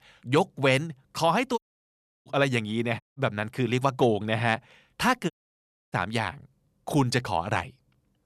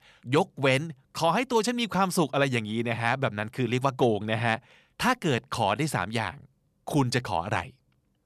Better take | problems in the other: second | audio cutting out; at 1.5 s for 0.5 s, at 3 s and at 5.5 s for 0.5 s

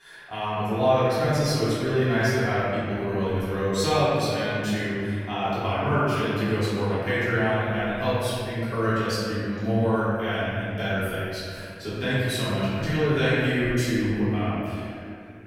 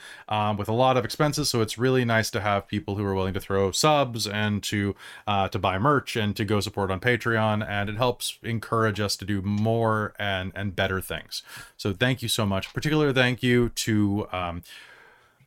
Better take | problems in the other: second | off-mic speech; far // room echo; strong; dies away in 2.4 s

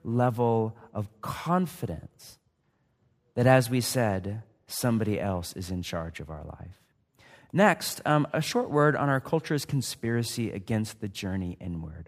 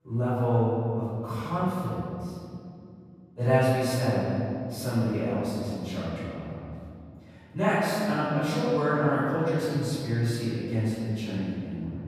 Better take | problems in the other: first | off-mic speech; far // room echo; strong; dies away in 2.6 s

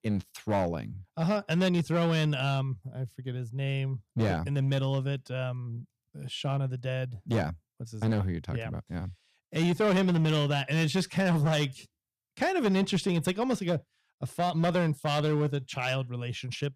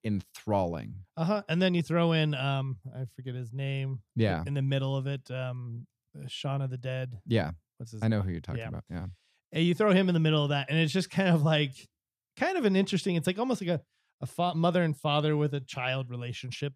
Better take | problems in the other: second | distortion; slight; 7% of the sound clipped

